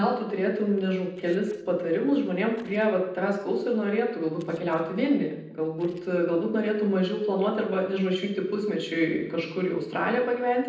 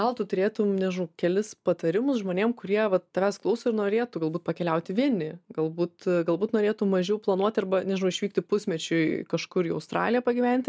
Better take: second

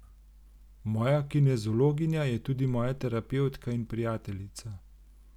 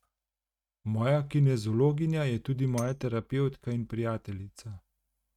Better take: first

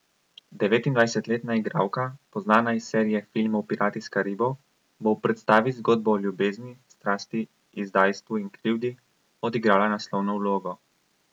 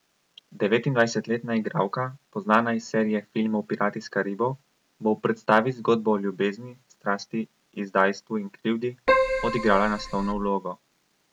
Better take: first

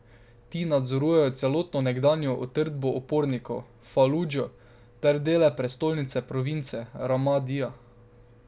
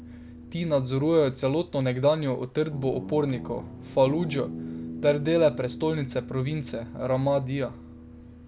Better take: first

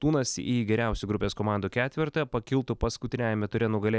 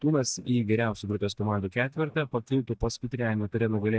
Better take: first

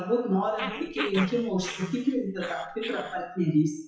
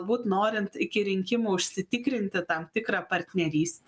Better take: second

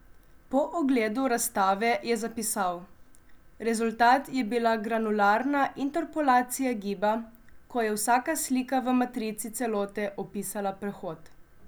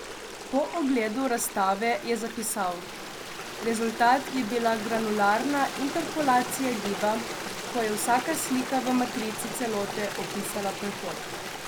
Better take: first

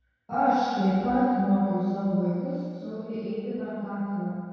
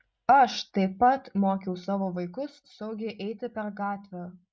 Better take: second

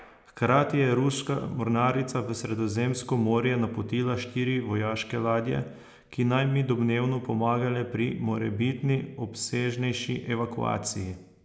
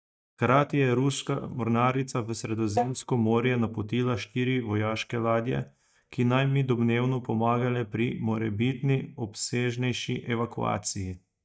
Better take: first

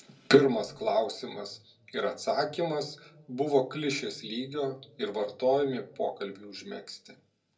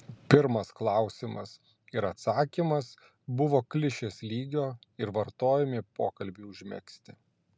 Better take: second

